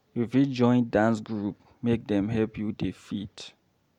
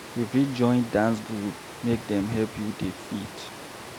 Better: first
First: none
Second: background sound (Water); 13 dB below the speech

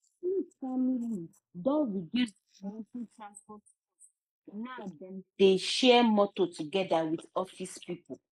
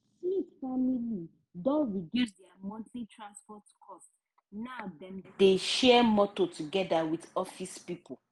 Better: second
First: noise reduction (neural mask model Resemble Enhance denoiser)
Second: none

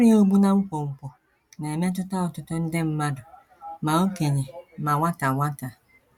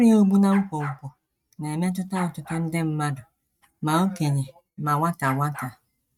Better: first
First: none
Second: noise reduction (neural mask model RNNoise)

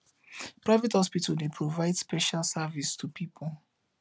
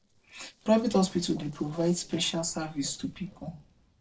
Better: first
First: none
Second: noise reduction (neural separator model SepFormer DNS4)

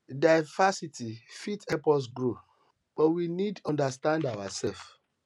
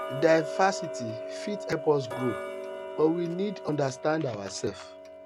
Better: first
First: none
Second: background sound (Tick-tock); 8 dB below the speech

